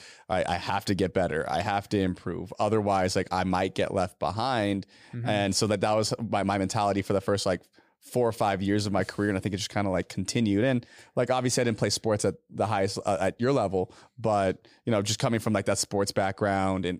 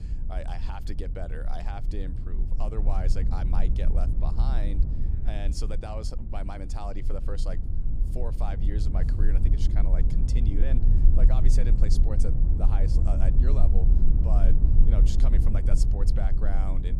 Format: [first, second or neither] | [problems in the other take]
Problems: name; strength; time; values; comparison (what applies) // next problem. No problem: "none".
first | low rumble; loud; throughout; 3 dB below the speech